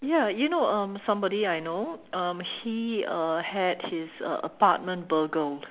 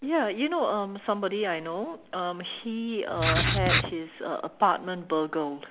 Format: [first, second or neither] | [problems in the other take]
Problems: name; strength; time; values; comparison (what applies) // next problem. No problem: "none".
first | background sound (Writing); 3 dB above the speech